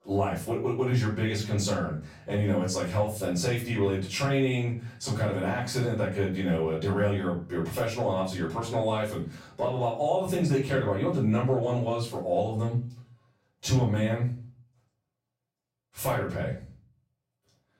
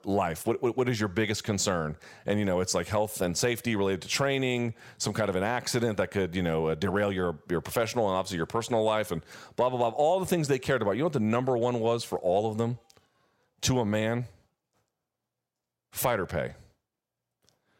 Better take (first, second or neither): second